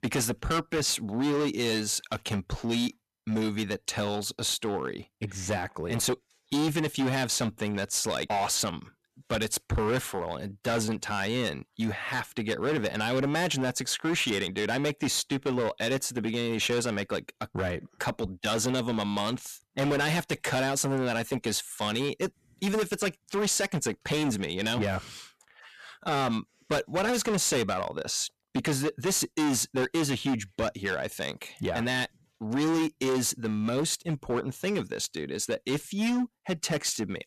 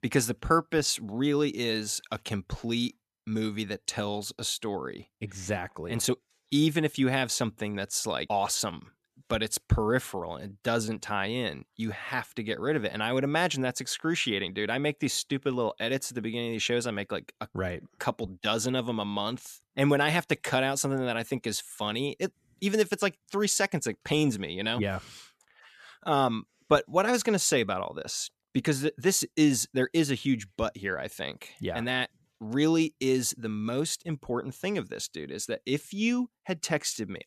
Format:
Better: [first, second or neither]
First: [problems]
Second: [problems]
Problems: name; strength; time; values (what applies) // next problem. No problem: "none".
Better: second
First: distortion; heavy; 14% of the sound clipped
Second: none